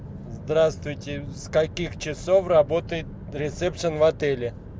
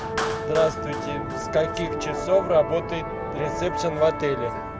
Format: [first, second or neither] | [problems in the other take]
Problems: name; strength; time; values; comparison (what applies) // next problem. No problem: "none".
first | background sound (Musical instrument + Clapping); 4 dB below the speech